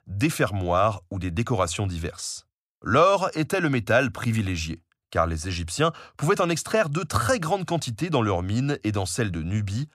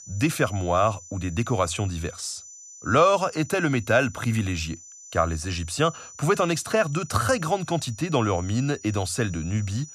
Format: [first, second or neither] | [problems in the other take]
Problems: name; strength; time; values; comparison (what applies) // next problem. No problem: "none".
first | high-pitched whine; noticeable; throughout; 6 kHz, 15 dB below the speech